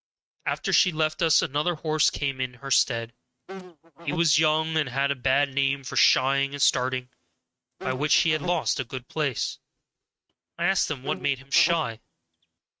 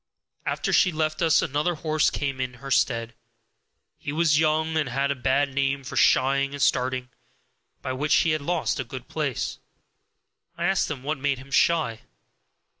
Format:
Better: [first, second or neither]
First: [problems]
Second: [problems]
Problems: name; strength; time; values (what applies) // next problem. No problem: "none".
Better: second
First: noise reduction (neural mask model RNNoise)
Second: none